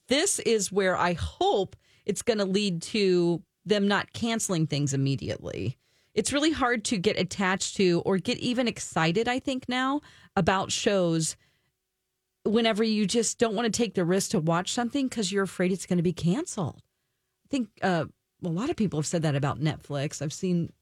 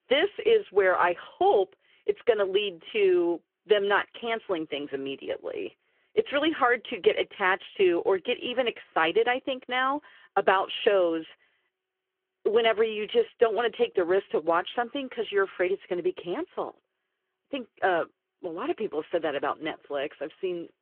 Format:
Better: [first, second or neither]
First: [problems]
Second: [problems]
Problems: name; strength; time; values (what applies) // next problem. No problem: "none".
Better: first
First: none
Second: phone-call audio